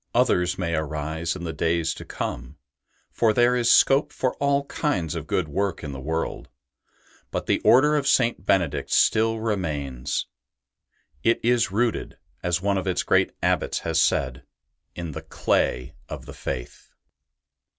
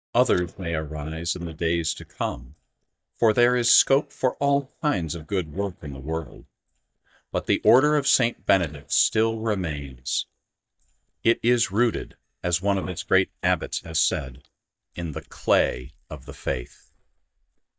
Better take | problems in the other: first | noise reduction (neural mask model DeepFilterNet 3)

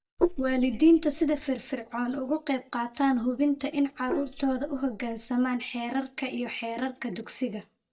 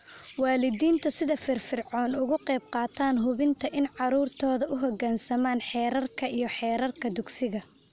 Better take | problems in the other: second | noise reduction (neural mask model DeepFilterNet 3)

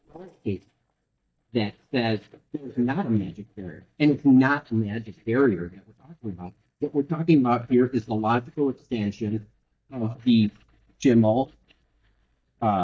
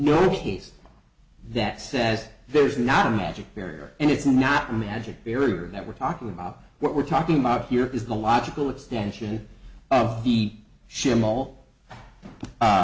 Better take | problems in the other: second | noise reduction (neural mask model DeepFilterNet 3)

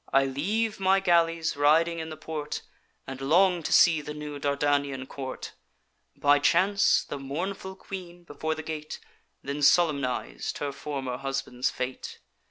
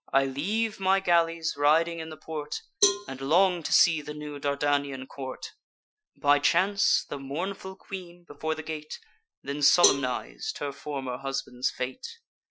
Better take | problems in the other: first | noise reduction (classical method Wiener filter)

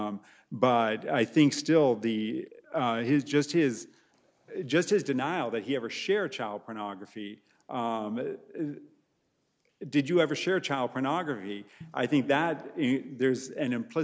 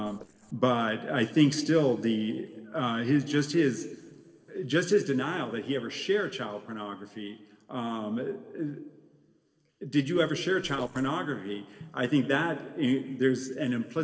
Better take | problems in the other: first | noise reduction (neural separator model SepFormer DNS4)

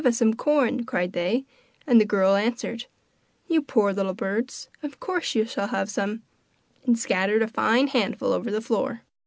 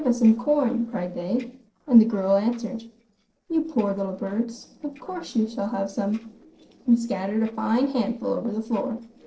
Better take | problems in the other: first | noise reduction (neural separator model SepFormer DNS4)

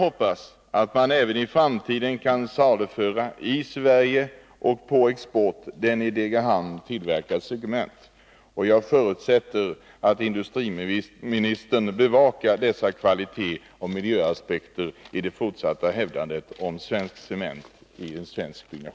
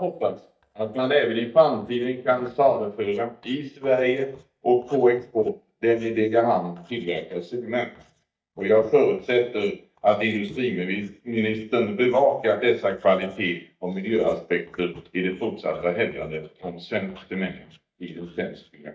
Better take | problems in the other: first | noise reduction (neural mask model DeepFilterNet 3)

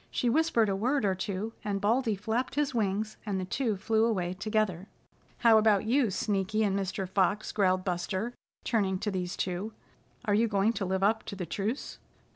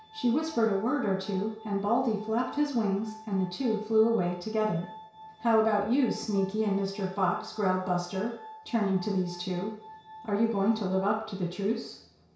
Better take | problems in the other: first | background sound (Glass); 19 dB below the speech // room echo; dies away in 0.6 s

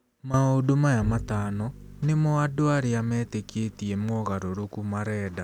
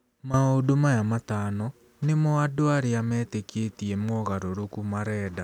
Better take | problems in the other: second | background sound (Bowed string instrument); 14 dB below the speech

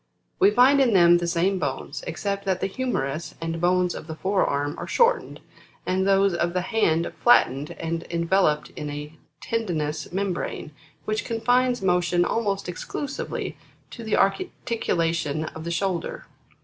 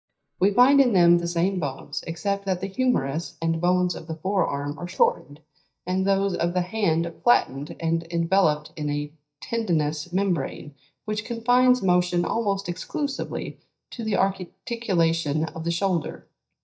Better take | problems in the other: first | noise reduction (neural mask model DeepFilterNet 3)

